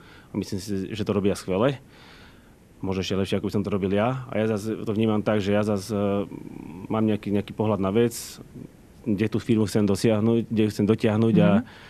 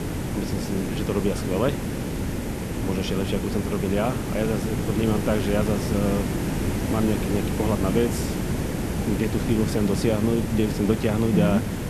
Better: first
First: hiss; faint; throughout; 25 dB below the speech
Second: hiss; loud; throughout; 2 dB below the speech

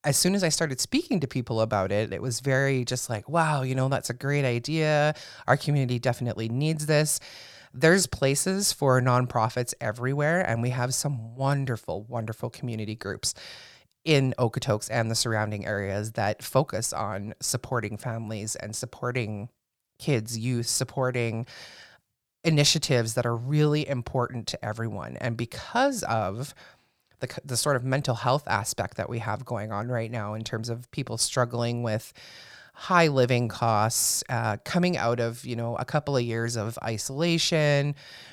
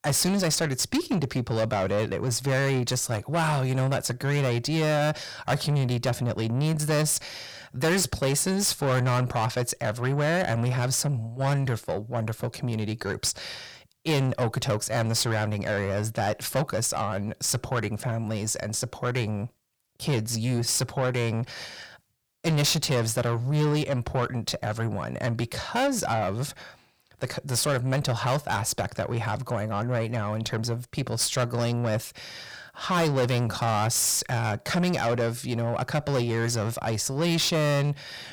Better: first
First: none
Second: distortion; heavy; 8 dB below the speech

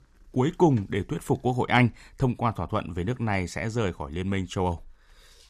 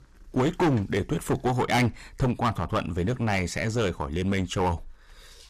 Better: first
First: none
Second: distortion; heavy; 12% of the sound clipped

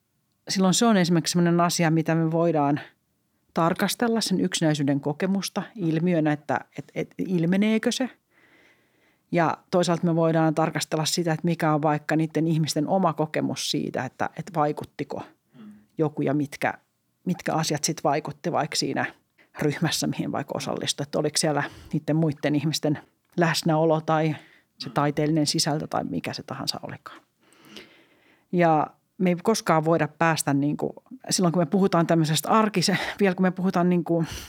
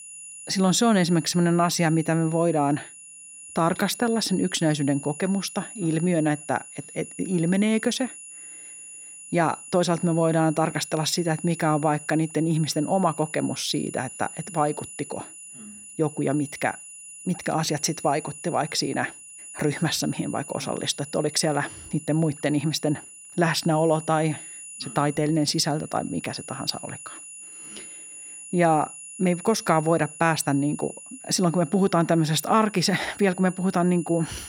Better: first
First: none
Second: high-pitched whine; noticeable; throughout; 10 kHz, 15 dB below the speech

